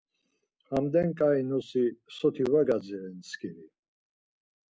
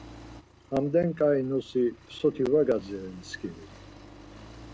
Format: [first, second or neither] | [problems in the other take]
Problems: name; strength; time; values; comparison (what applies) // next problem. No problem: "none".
first | background sound (Accelerating, revving, vroom); 20 dB below the speech